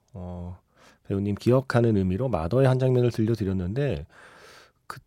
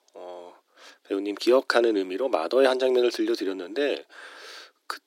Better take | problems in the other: first | thin; very; fading below 300 Hz

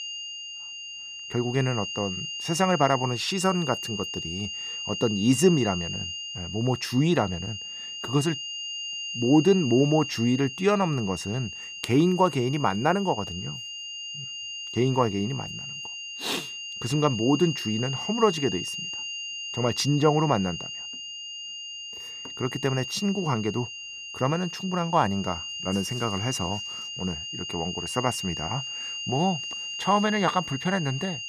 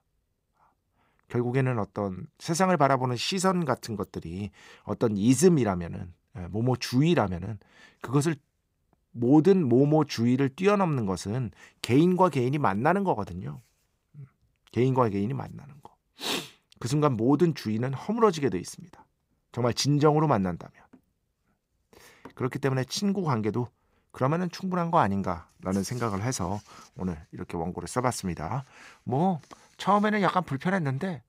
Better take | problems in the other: second | high-pitched whine; loud; throughout; 3 kHz, 7 dB below the speech

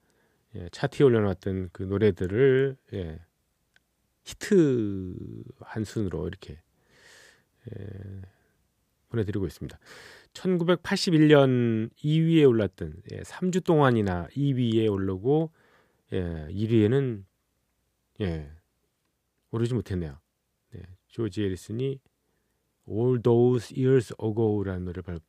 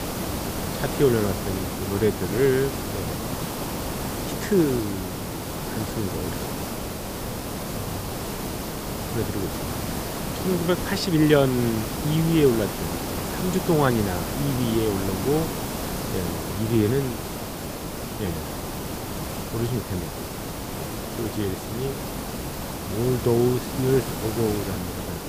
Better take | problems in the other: first | hiss; loud; throughout; 5 dB below the speech

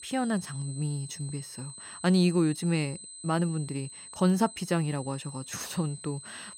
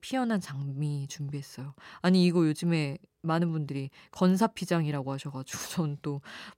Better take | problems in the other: second | high-pitched whine; noticeable; throughout; 8 kHz, 15 dB below the speech

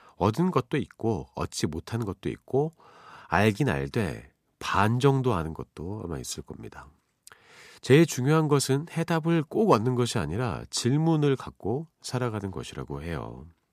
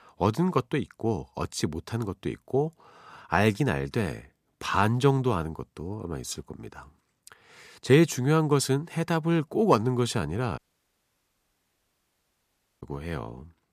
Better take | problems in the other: first | audio cutting out; at 11 s for 2 s

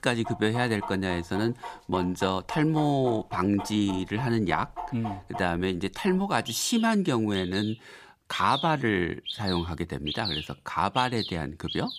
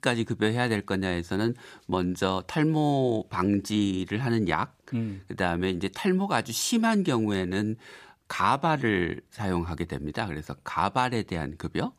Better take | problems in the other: second | animal sounds; noticeable; throughout; 10 dB below the speech

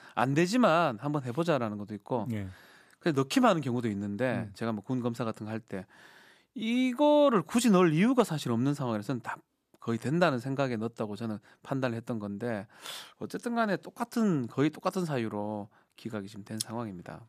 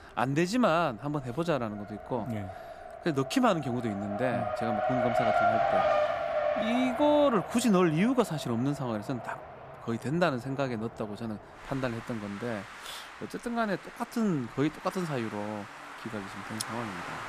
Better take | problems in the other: first | traffic noise; loud; throughout; 3 dB below the speech

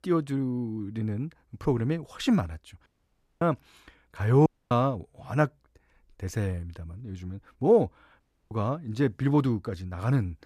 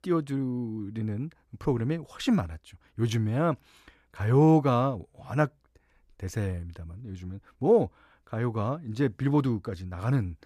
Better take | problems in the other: second | audio cutting out; at 3 s for 0.5 s, at 4.5 s and at 8 s

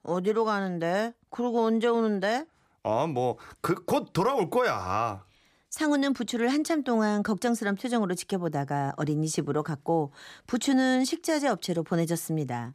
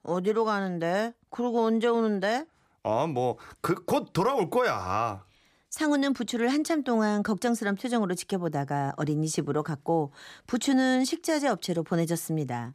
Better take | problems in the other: neither | none

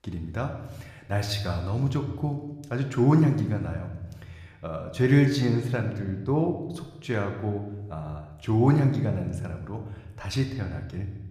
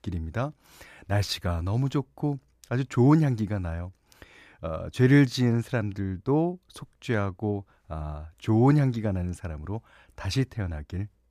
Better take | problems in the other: second | room echo; slight; dies away in 0.9 s

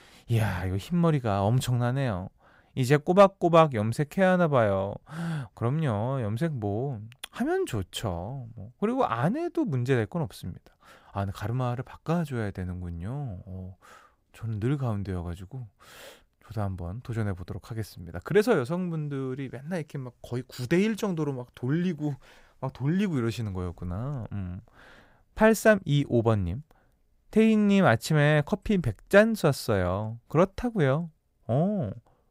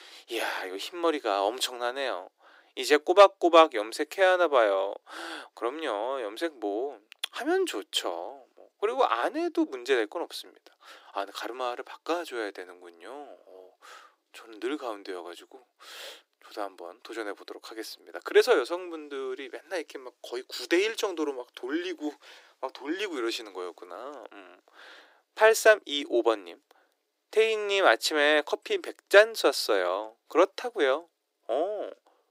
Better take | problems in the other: first | thin; very; fading below 300 Hz

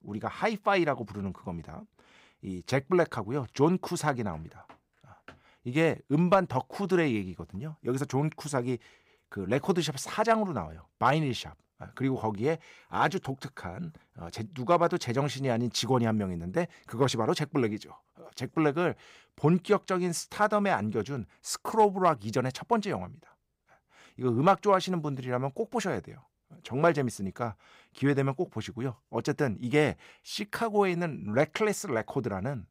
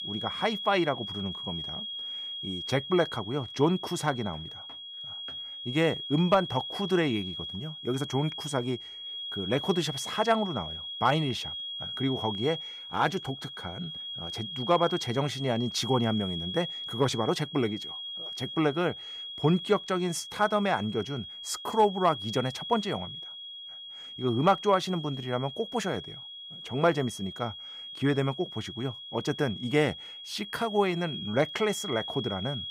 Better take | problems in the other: first | high-pitched whine; loud; throughout; 3.5 kHz, 8 dB below the speech

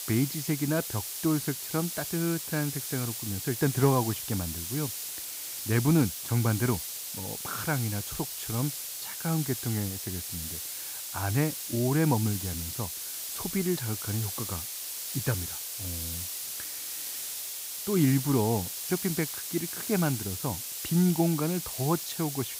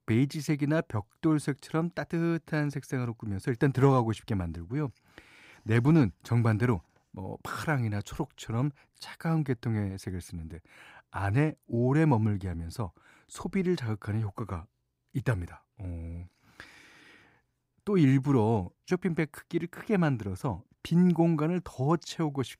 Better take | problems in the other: second | hiss; loud; throughout; 4 dB below the speech

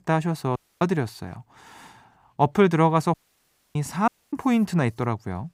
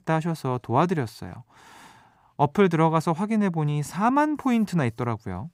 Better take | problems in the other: second | audio cutting out; at 0.5 s, at 3 s for 0.5 s and at 4 s

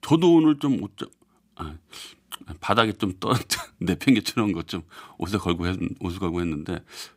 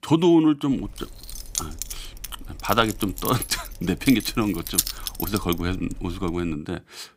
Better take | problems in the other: first | jangling keys; loud; from 1 to 6.5 s; peak 1 dB above the speech

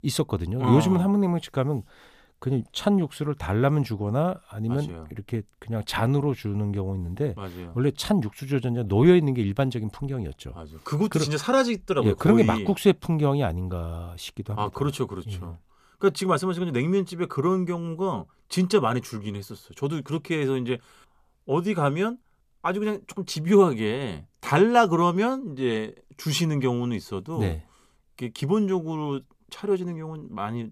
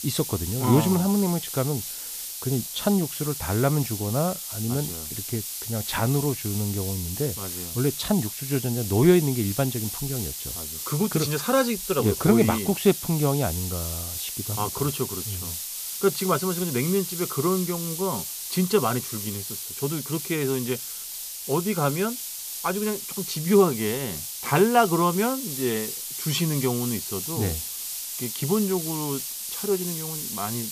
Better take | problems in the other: first | hiss; loud; throughout; 5 dB below the speech

